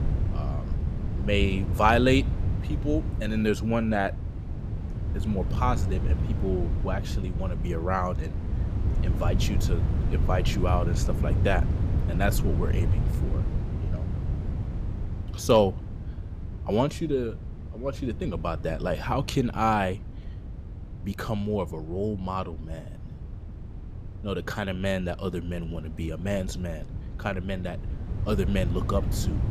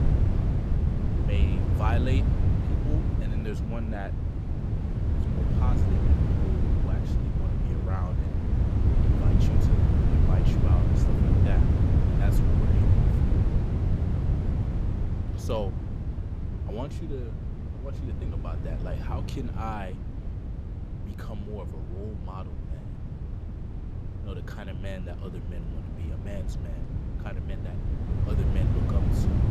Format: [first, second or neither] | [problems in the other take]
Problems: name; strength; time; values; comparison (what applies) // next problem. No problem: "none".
first | wind noise on the microphone; heavy; 2 dB above the speech; occasional gusts in the first